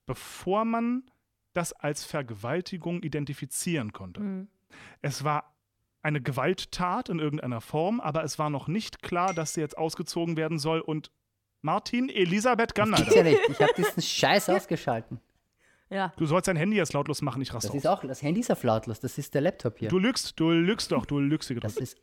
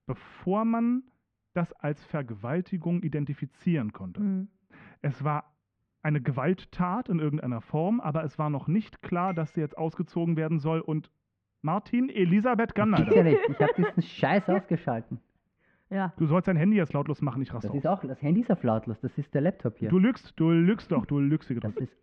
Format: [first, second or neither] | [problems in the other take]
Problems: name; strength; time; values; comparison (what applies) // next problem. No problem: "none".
first | muffled; very; fading above 2.5 kHz